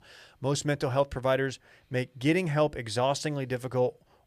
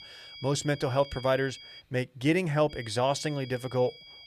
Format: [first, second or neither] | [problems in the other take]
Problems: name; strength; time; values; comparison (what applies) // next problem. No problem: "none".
first | high-pitched whine; noticeable; until 2 s and from 2.5 s on; 3.5 kHz, 15 dB below the speech